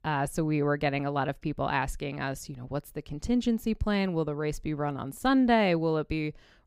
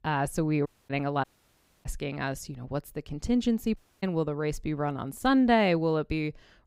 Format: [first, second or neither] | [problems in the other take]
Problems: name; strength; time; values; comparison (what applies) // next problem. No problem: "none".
first | audio cutting out; at 0.5 s, at 1 s for 0.5 s and at 4 s